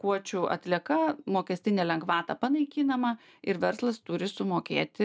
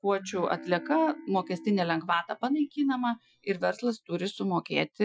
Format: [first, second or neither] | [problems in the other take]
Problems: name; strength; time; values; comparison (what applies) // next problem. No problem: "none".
first | noise reduction (classical method Wiener filter)